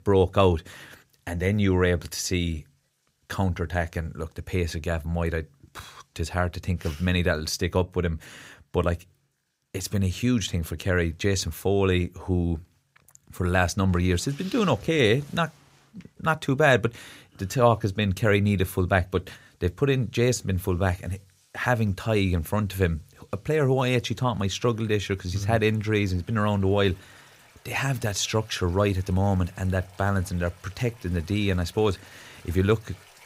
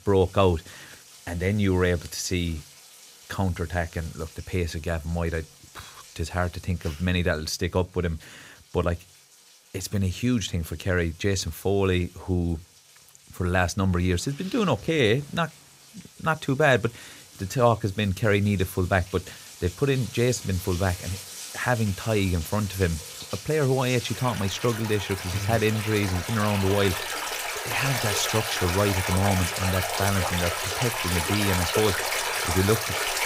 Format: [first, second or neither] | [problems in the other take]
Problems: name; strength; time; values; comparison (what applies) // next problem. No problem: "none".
first | rain or running water; loud; throughout; 3 dB below the speech; faint in the first